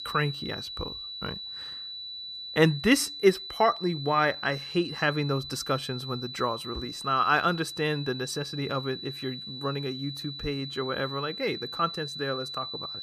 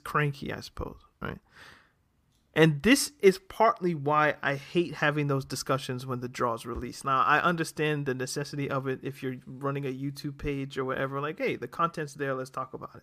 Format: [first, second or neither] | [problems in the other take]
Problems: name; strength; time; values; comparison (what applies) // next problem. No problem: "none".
second | high-pitched whine; loud; throughout; 4 kHz, 8 dB below the speech